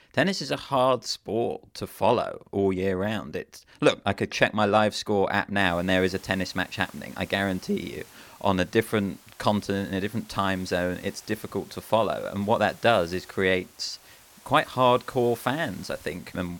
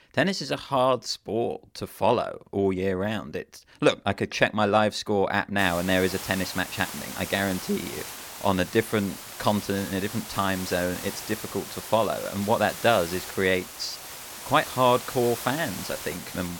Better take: first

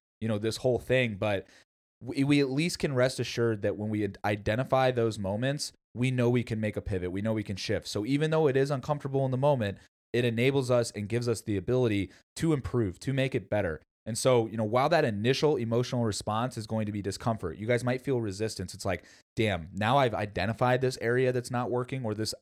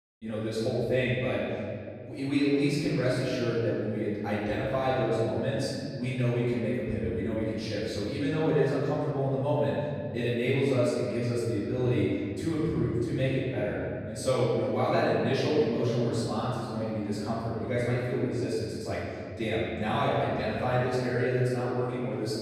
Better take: first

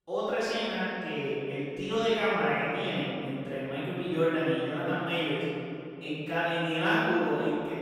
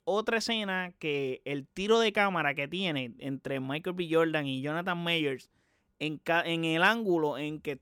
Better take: second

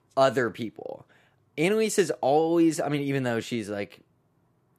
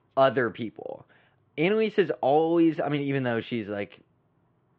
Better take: first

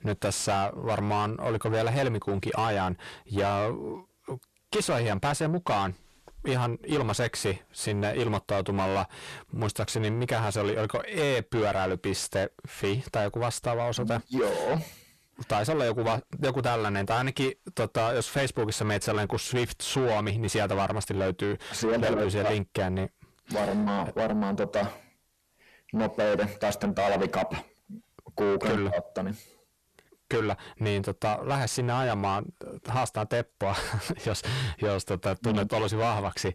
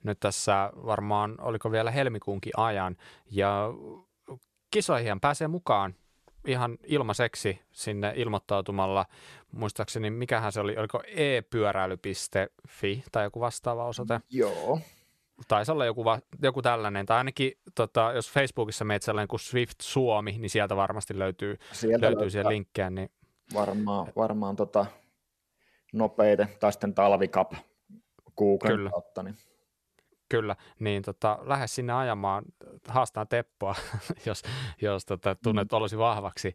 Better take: second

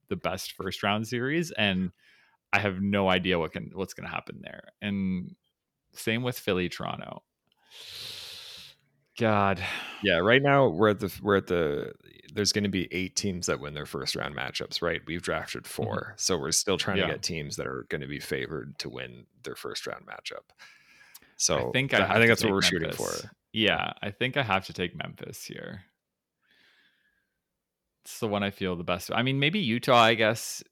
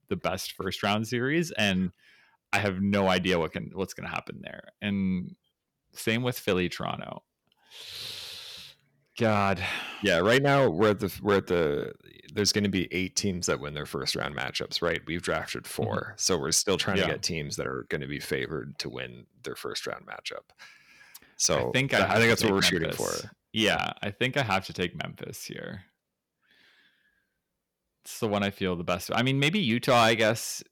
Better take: first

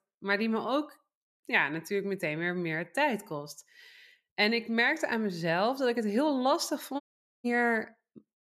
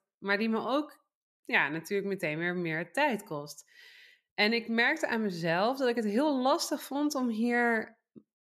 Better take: second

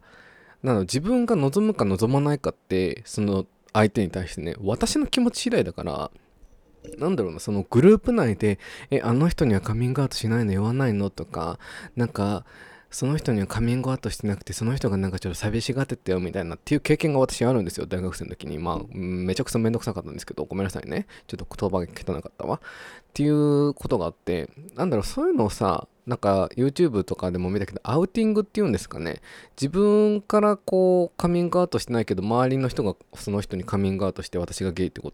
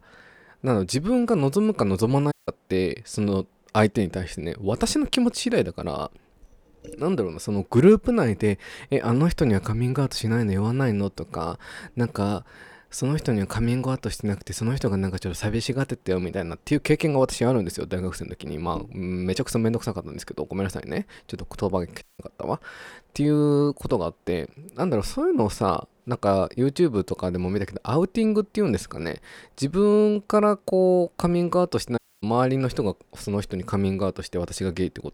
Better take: first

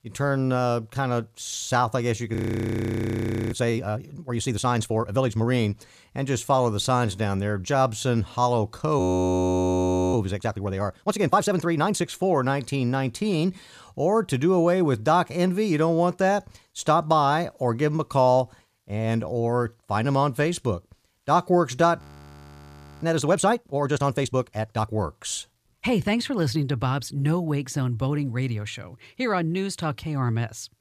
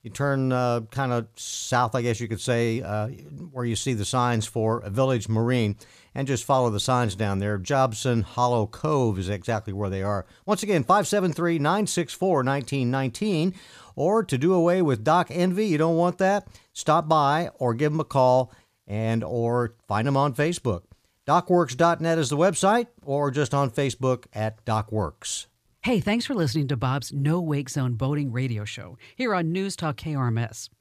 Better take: second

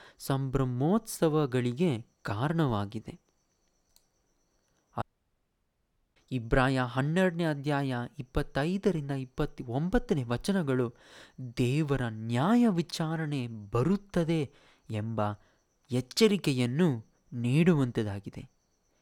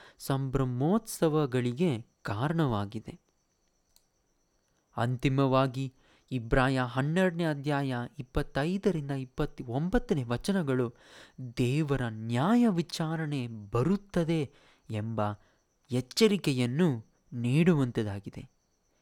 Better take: second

